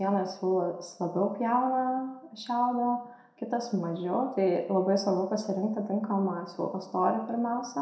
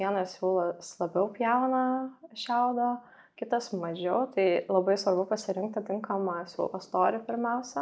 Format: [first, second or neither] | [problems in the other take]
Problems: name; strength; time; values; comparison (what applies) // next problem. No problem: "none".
second | room echo; dies away in 0.6 s